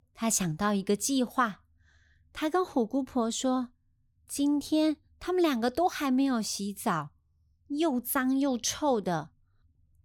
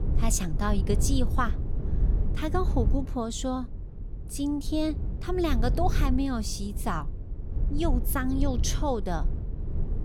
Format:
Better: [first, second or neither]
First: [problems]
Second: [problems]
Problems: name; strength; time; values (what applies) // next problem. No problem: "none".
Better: first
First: none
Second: low rumble; noticeable; throughout; 15 dB below the speech